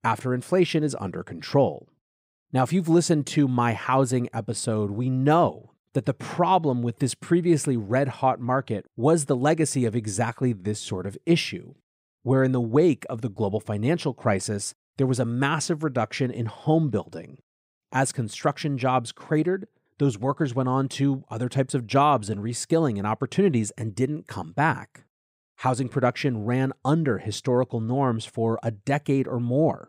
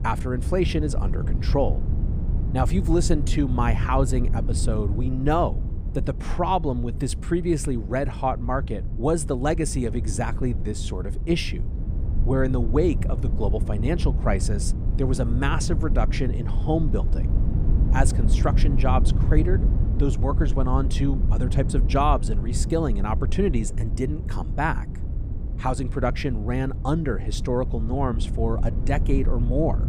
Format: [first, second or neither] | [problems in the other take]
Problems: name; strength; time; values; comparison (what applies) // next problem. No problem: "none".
first | low rumble; noticeable; throughout; 10 dB below the speech